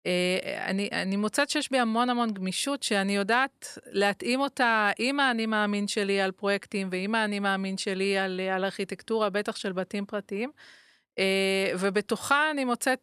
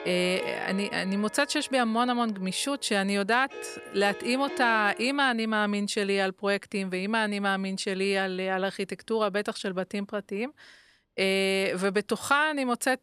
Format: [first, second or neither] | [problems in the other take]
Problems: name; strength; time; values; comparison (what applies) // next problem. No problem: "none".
first | background music; noticeable; throughout; 15 dB below the speech